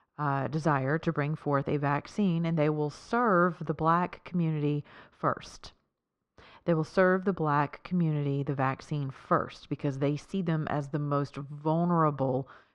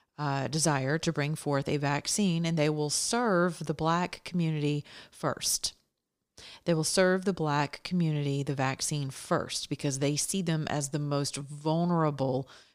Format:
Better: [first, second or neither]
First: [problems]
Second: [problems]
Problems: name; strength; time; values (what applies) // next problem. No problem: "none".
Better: second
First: muffled; very; fading above 2 kHz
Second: none